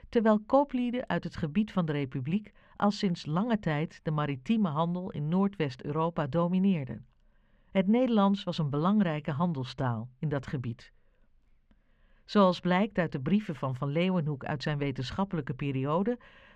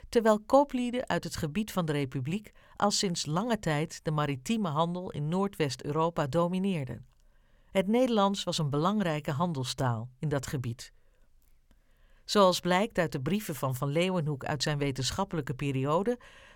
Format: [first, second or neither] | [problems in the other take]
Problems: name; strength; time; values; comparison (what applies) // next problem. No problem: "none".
second | muffled; slightly; fading above 2.5 kHz